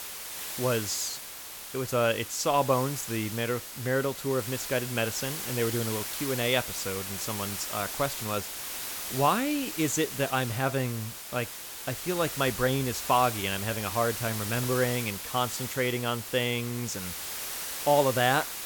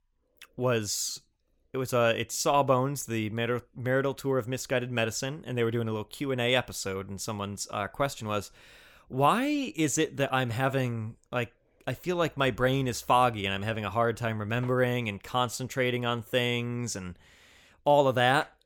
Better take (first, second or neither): second